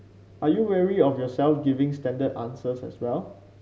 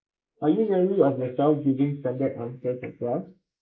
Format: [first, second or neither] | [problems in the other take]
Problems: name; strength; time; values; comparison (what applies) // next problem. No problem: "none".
first | noise reduction (neural mask model Resemble Enhance denoiser)